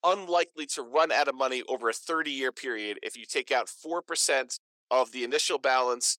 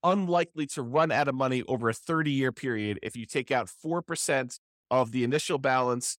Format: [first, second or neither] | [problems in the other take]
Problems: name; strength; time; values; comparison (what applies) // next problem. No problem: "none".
second | thin; very; fading below 350 Hz